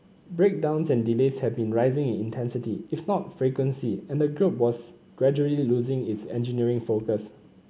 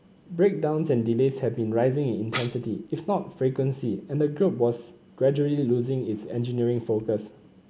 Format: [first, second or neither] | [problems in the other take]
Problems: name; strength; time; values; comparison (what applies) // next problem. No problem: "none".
first | background sound (Tambourine); 14 dB below the speech